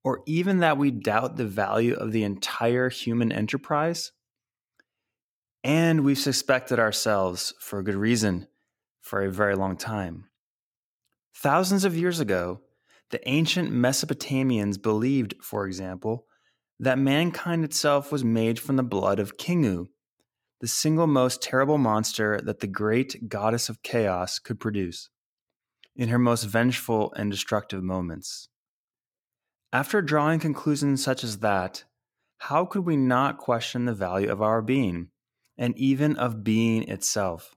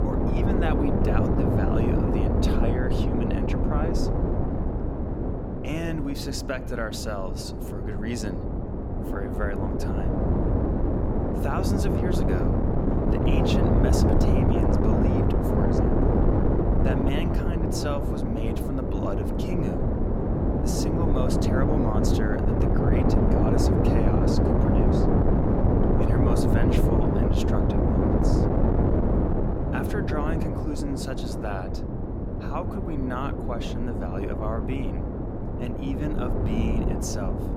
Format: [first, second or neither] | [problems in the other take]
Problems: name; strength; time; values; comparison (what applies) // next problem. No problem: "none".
first | wind noise on the microphone; heavy; 5 dB above the speech